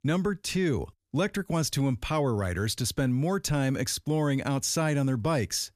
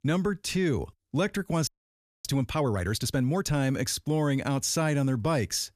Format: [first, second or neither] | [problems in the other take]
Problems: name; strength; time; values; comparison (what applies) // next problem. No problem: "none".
first | audio freezing; at 1.5 s for 0.5 s